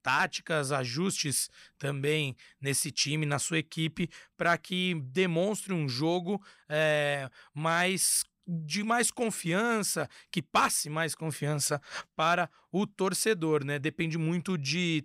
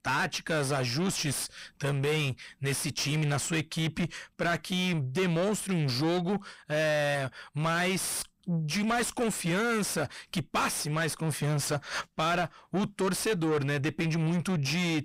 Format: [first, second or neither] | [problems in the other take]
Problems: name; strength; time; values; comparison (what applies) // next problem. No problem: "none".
first | distortion; heavy; 6 dB below the speech